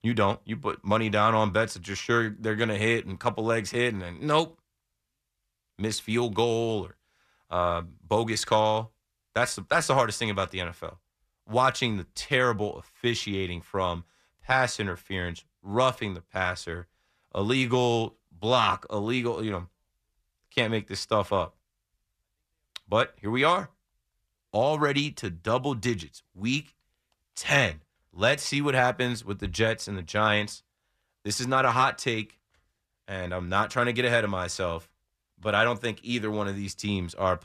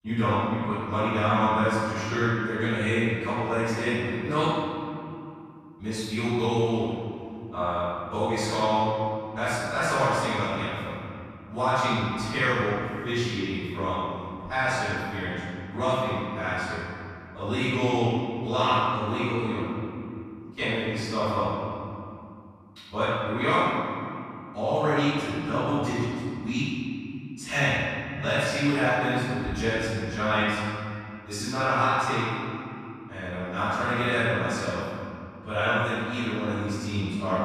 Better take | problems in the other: first | off-mic speech; far // room echo; strong; dies away in 2.6 s

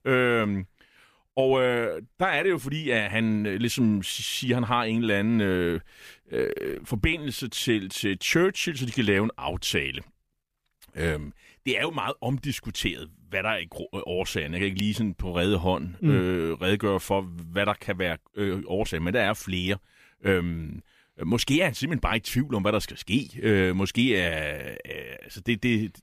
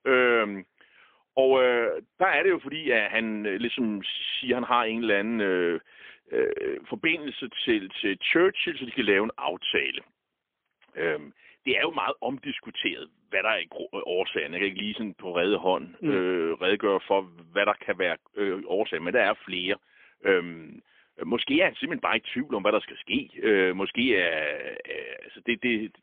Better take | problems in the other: first | phone-call audio; poor line; nothing above 3.5 kHz

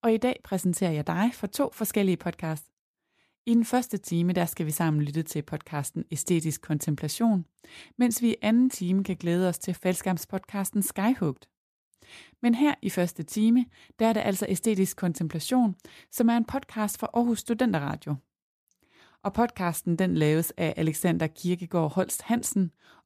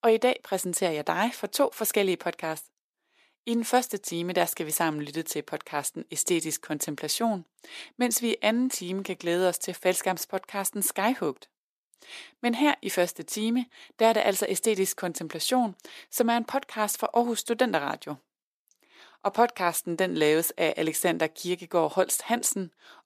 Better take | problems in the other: first | thin; somewhat; fading below 450 Hz

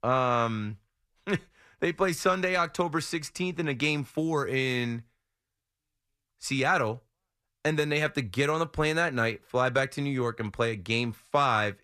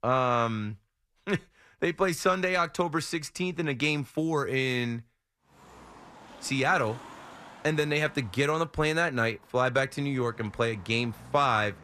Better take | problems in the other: first | traffic noise; faint; from 5.5 s on; 20 dB below the speech

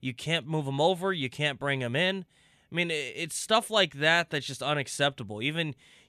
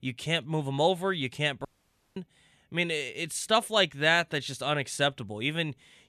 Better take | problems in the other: first | audio cutting out; at 1.5 s for 0.5 s

